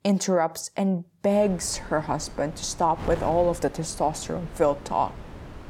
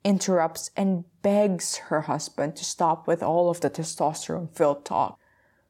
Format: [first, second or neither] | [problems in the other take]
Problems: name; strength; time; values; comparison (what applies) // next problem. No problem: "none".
second | wind noise on the microphone; occasional gusts; from 1.5 s on; 20 dB below the speech